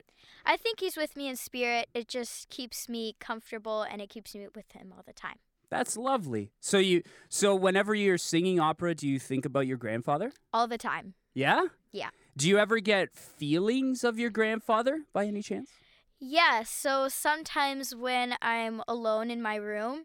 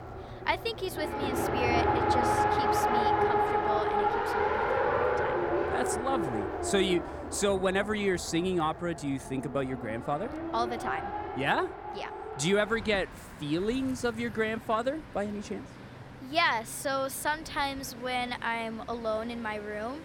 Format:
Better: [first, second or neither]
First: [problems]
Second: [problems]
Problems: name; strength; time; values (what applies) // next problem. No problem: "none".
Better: first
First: none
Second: traffic noise; very loud; throughout; 1 dB above the speech